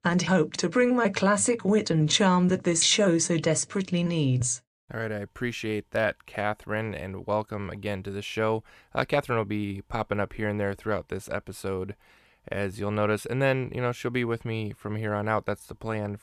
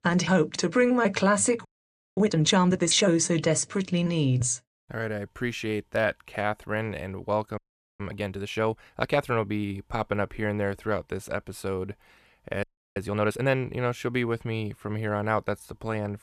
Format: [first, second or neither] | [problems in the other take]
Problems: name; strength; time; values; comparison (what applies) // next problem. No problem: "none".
first | audio freezing; at 1.5 s for 0.5 s, at 7.5 s and at 13 s